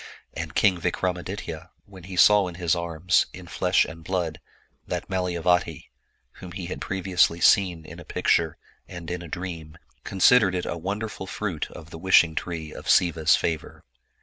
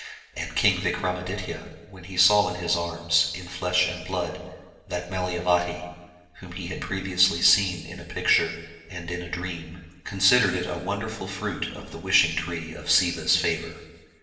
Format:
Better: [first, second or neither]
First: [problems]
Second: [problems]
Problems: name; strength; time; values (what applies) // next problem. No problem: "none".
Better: first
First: none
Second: room echo; dies away in 1.2 s